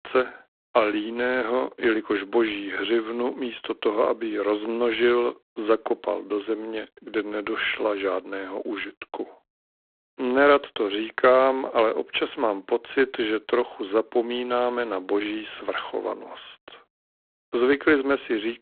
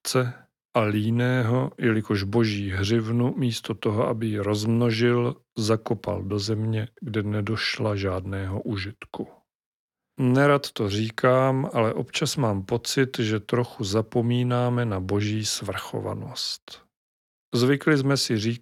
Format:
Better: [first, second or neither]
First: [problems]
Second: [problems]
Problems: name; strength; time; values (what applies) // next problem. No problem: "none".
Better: second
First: phone-call audio; poor line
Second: none